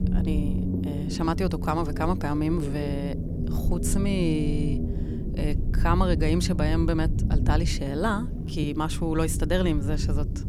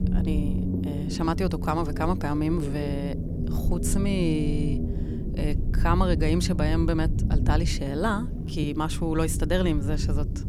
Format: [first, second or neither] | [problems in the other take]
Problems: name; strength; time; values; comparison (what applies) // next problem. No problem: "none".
neither | low rumble; loud; throughout; 8 dB below the speech; the same in both